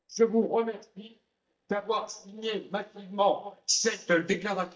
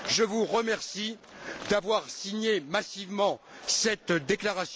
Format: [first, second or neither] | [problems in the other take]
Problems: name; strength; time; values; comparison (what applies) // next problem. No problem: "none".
second | noise reduction (neural mask model DeepFilterNet 3)